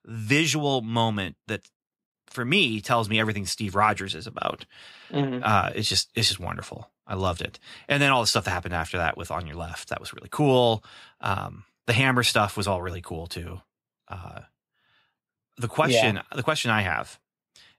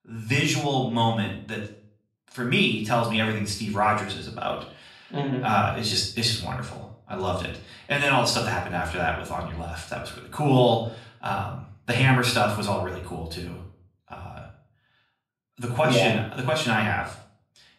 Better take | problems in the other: first | off-mic speech; far // room echo; noticeable; dies away in 0.4 s

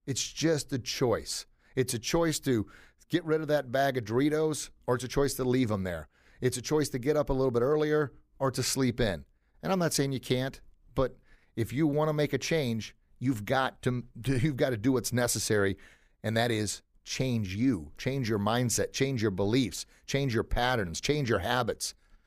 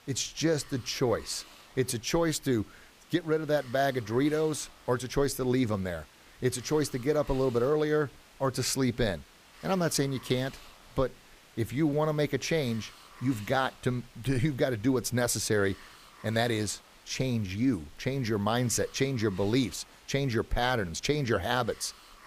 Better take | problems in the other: first | hiss; faint; throughout; 20 dB below the speech

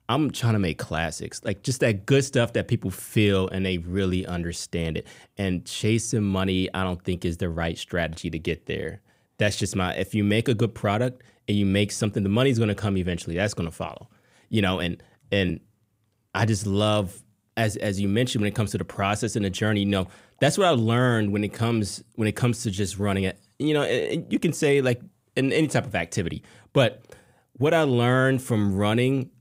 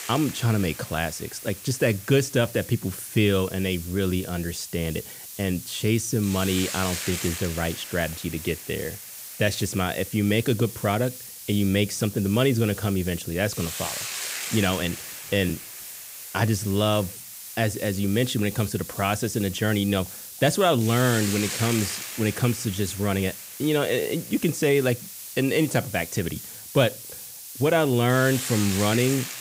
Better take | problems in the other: first | hiss; loud; throughout; 9 dB below the speech

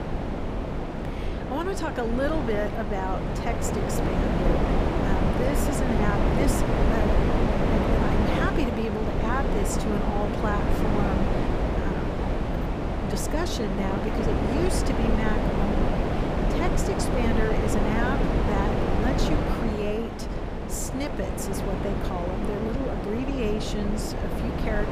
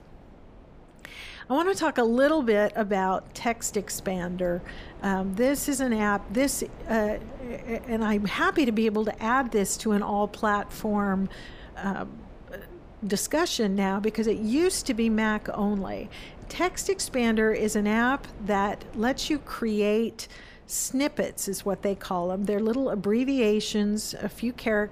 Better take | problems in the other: second | wind noise on the microphone; heavy; 3 dB above the speech; occasional gusts in the second

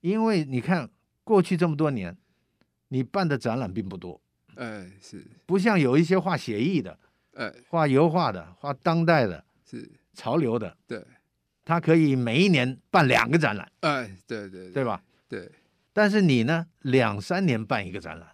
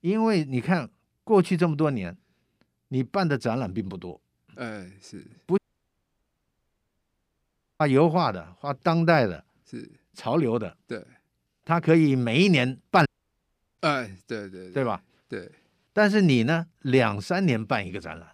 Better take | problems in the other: first | audio cutting out; at 5.5 s for 2 s and at 13 s for 0.5 s

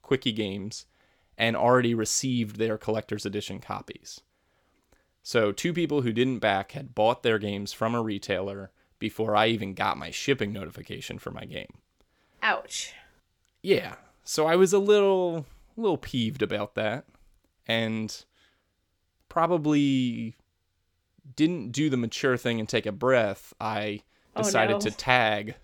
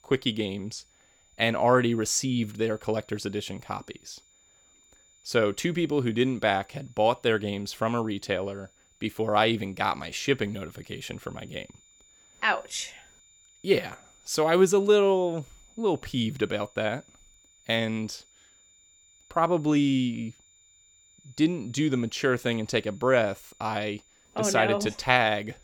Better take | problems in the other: first | high-pitched whine; faint; throughout; 7 kHz, 30 dB below the speech

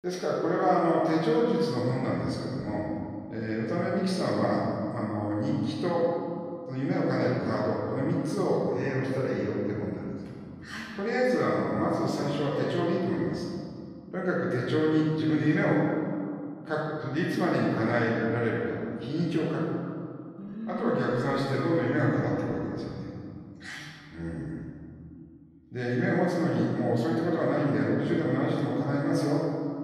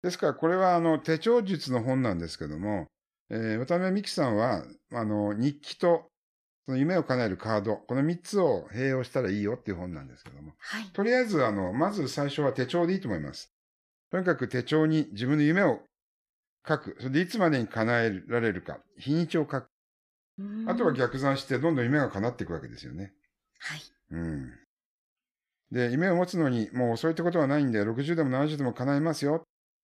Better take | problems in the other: second | room echo; strong; dies away in 2.1 s // off-mic speech; far

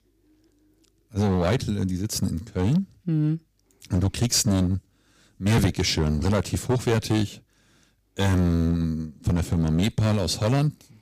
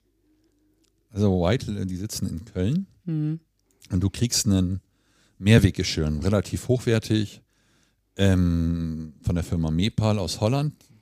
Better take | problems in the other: second | distortion; heavy; 8% of the sound clipped

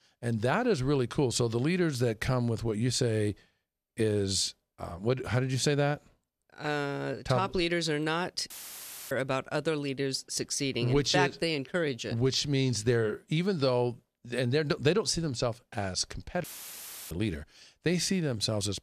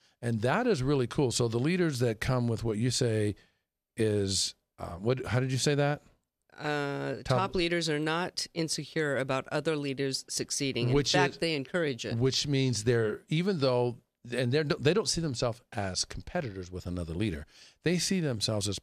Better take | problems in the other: second | audio cutting out; filled with static; at 8.5 s for 0.5 s and at 16 s for 0.5 s

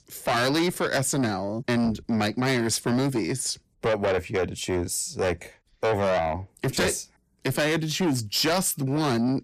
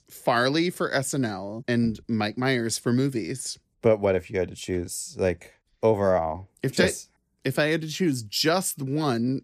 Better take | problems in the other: second | distortion; heavy; 6 dB below the speech

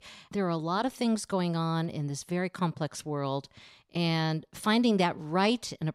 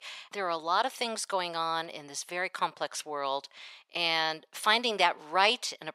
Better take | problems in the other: first | thin; very; fading below 700 Hz

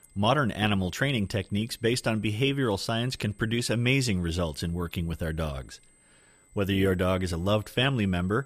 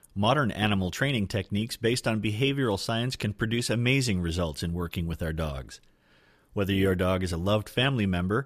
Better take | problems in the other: second | high-pitched whine; faint; throughout; 8 kHz, 30 dB below the speech

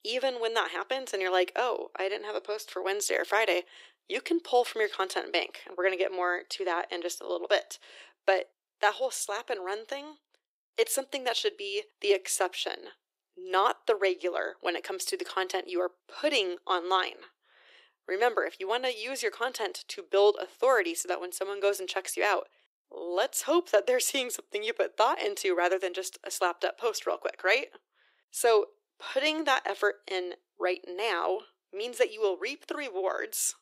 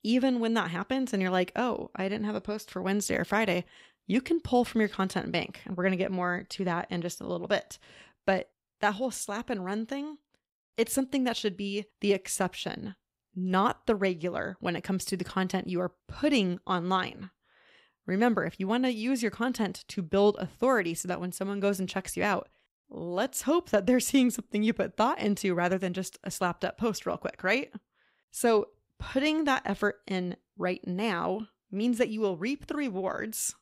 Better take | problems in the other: second | thin; very; fading below 350 Hz

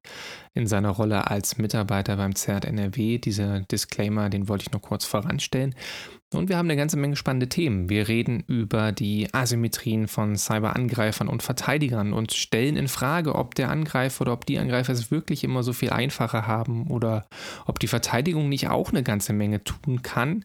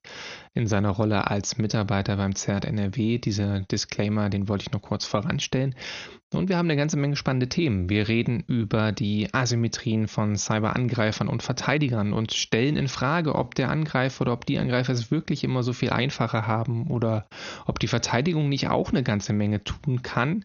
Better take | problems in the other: first | garbled, watery; slightly; nothing above 6.5 kHz

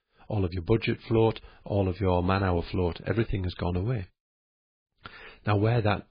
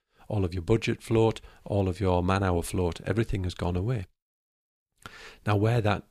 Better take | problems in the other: second | garbled, watery; badly; nothing above 4.5 kHz

